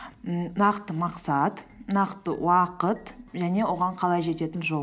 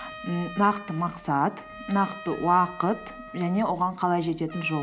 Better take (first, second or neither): first